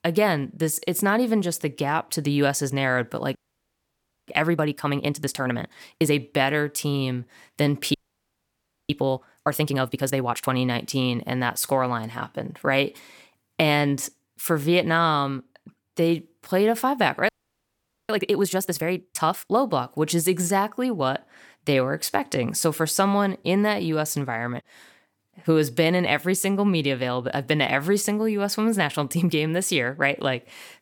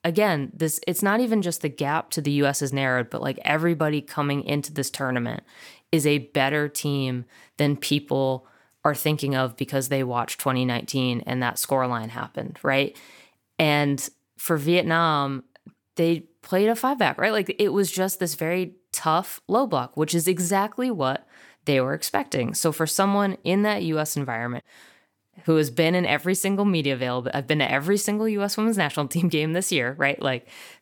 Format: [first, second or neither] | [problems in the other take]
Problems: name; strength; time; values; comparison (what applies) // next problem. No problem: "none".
second | audio freezing; at 3.5 s for 1 s, at 8 s for 1 s and at 17 s for 1 s